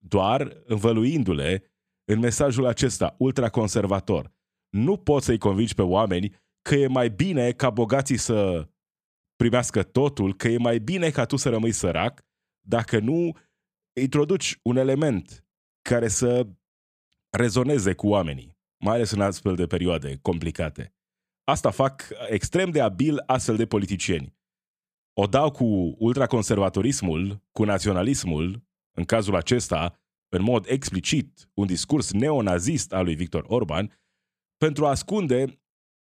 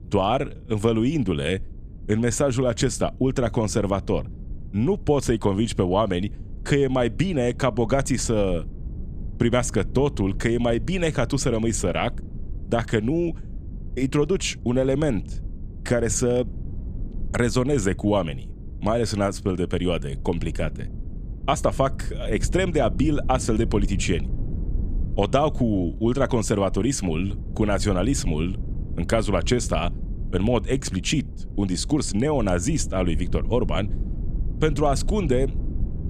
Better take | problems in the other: first | low rumble; faint; throughout; 20 dB below the speech

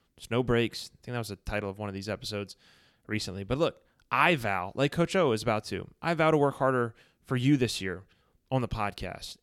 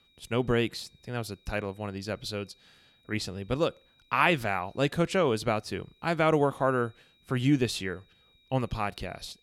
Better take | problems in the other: first | high-pitched whine; faint; throughout; 4 kHz, 35 dB below the speech

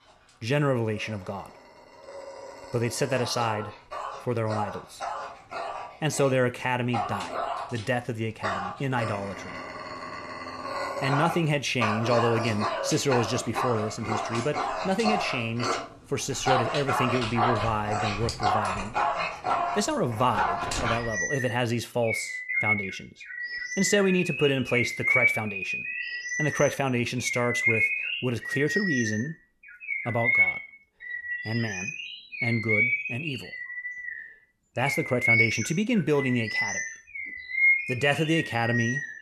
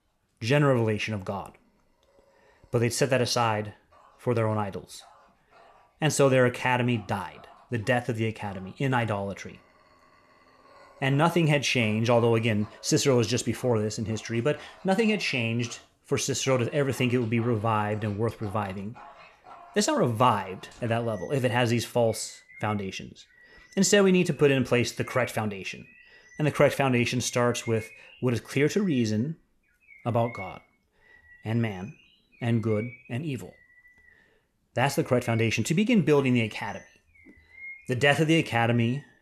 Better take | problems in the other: second | animal sounds; loud; throughout; as loud as the speech; faint in the second

